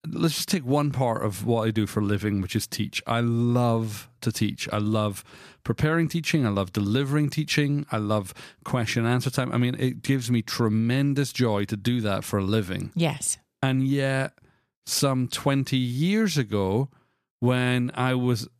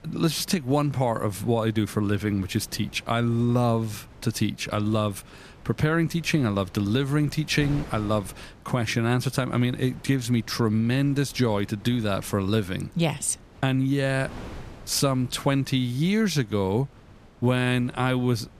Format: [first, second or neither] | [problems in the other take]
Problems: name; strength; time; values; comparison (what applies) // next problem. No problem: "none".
first | wind noise on the microphone; occasional gusts; 20 dB below the speech